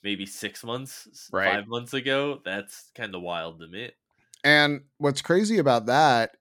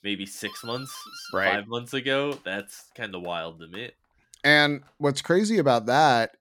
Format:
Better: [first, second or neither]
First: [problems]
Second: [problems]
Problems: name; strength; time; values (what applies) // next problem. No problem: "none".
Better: first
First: none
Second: doorbell; faint; until 5 s; peak 15 dB below the speech